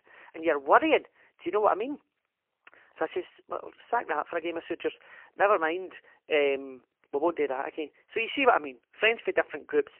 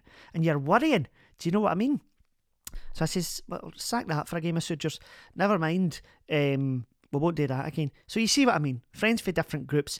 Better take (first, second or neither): second